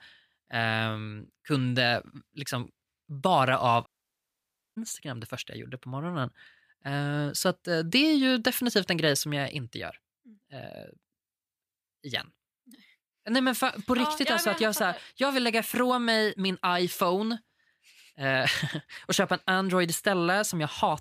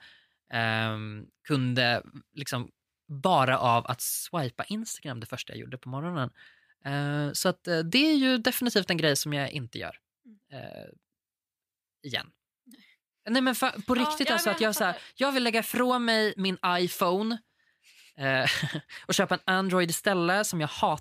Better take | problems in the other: second | audio cutting out; at 4 s for 1 s

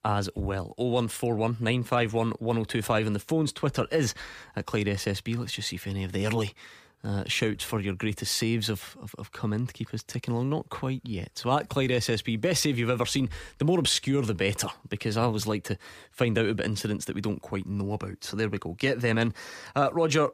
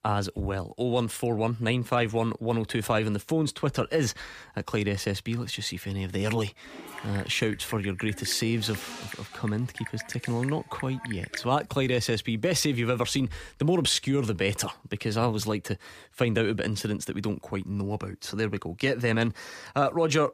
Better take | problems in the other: first | keyboard typing; noticeable; from 6.5 to 11 s; peak 8 dB below the speech

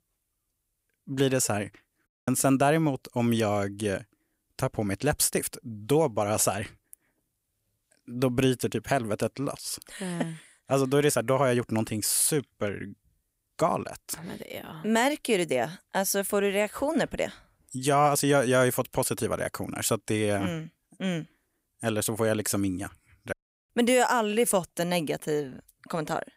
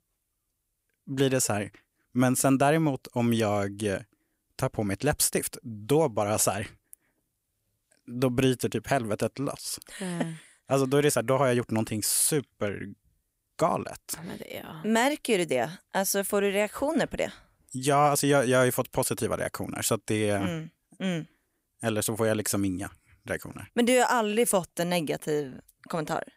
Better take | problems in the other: second | audio cutting out; at 2 s and at 23 s

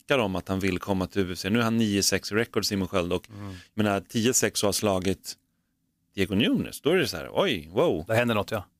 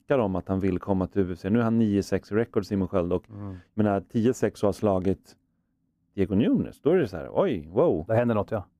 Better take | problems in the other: first | muffled; very; fading above 2 kHz

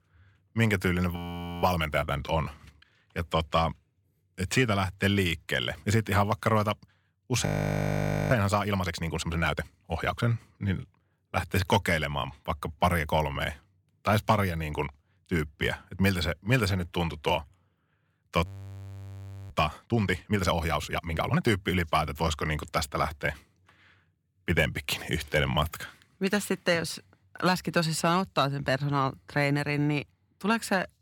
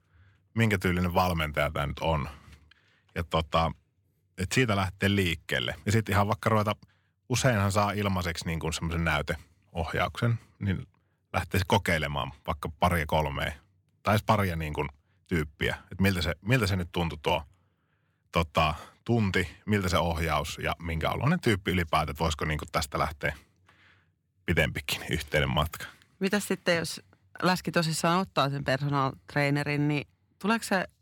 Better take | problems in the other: second | audio freezing; at 1 s, at 7.5 s for 1 s and at 18 s for 1 s

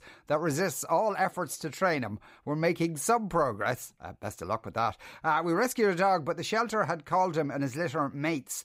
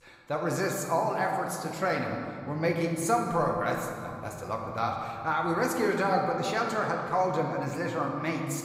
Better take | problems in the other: first | room echo; noticeable; dies away in 2.4 s // off-mic speech; somewhat distant

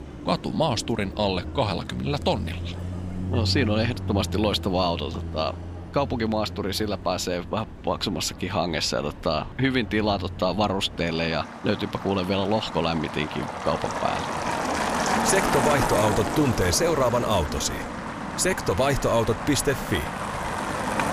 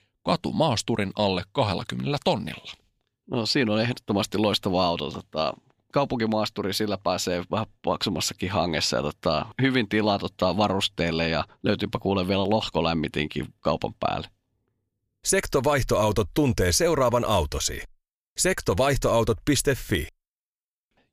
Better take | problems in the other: second | traffic noise; loud; throughout; 5 dB below the speech

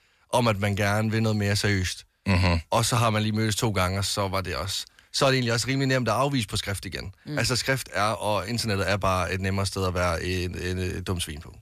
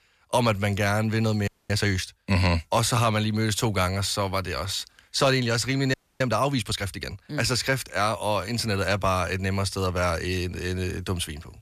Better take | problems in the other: first | audio freezing; at 1.5 s and at 6 s

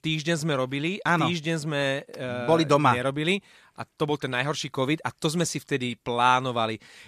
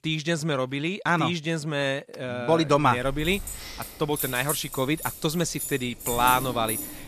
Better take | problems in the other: first | jangling keys; noticeable; from 3 s on; peak 3 dB below the speech

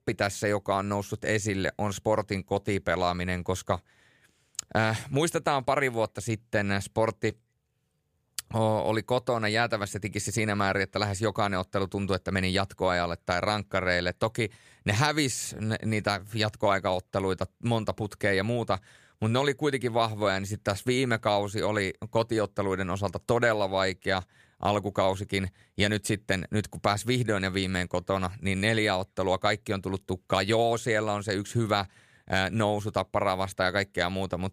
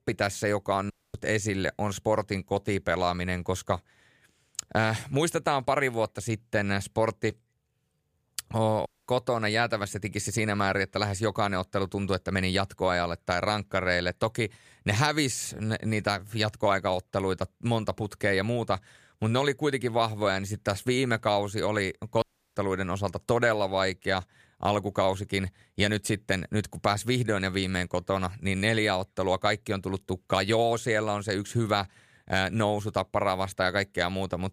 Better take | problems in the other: first | audio cutting out; at 1 s, at 9 s and at 22 s

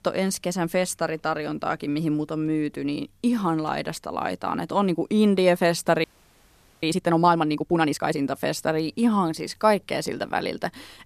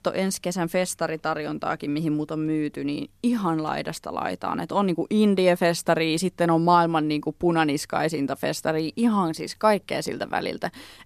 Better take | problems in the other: second | audio freezing; at 6 s for 1 s

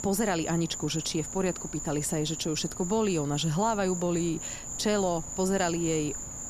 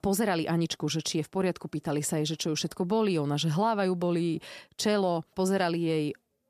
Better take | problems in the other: second | animal sounds; loud; throughout; 7 dB below the speech

